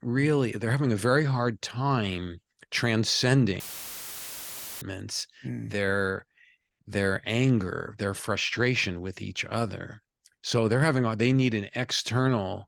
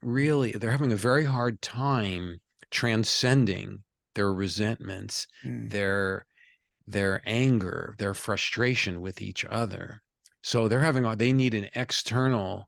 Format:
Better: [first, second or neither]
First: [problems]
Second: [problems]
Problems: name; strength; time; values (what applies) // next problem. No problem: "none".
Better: second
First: audio cutting out; filled with static; at 3.5 s for 1 s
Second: none